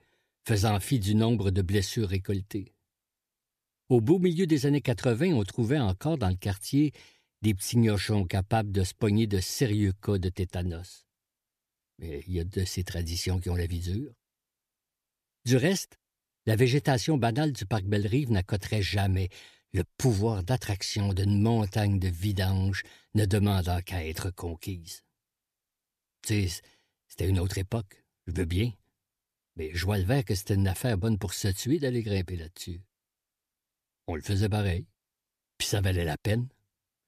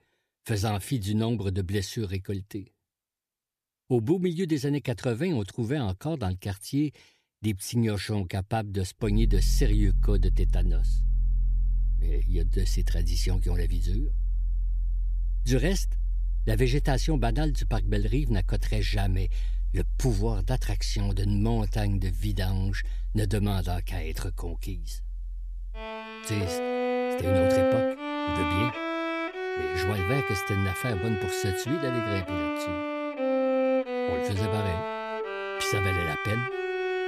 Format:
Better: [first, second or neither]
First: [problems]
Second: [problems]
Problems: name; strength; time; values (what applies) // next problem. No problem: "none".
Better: first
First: none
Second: background music; very loud; from 9 s on; as loud as the speech